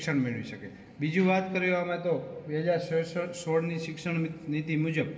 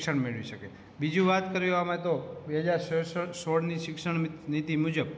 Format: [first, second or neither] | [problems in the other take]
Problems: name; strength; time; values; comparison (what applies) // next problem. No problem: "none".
second | room echo; dies away in 2 s